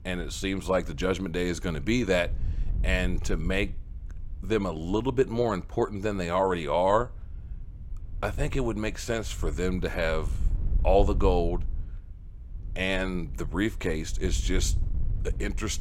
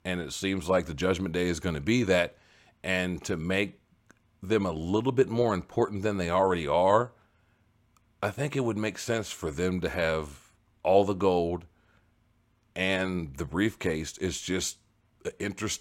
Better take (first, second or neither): second